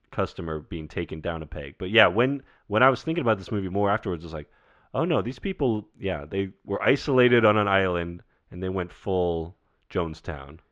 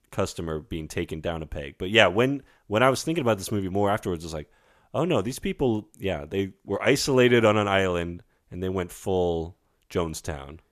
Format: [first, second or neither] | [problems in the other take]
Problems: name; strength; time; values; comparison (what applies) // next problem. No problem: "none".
second | muffled; slightly; fading above 3.5 kHz